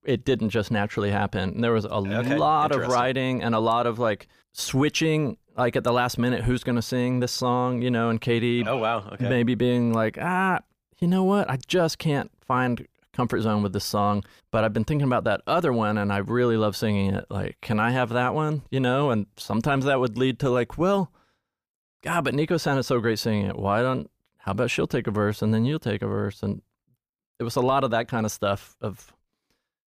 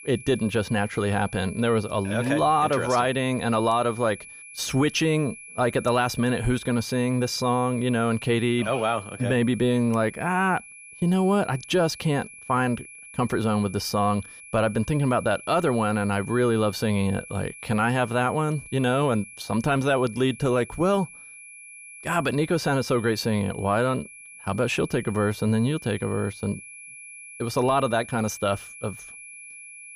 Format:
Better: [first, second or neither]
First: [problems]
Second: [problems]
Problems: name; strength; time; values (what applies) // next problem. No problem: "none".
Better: first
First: none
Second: high-pitched whine; noticeable; throughout; 2.5 kHz, 15 dB below the speech